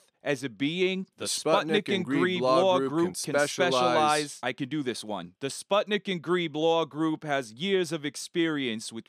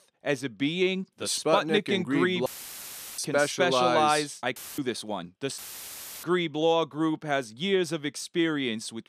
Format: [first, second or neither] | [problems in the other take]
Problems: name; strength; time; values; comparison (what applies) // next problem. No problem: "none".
first | audio cutting out; filled with static; at 2.5 s for 0.5 s, at 4.5 s and at 5.5 s for 0.5 s